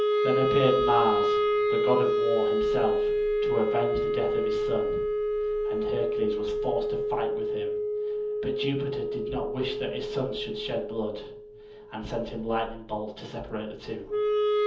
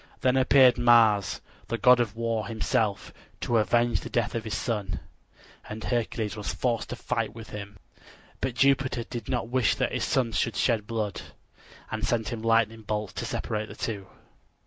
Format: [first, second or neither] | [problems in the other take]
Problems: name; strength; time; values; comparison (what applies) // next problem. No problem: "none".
second | background sound (Wind instrument, woodwind instrument); 4 dB above the speech // room echo; dies away in 0.7 s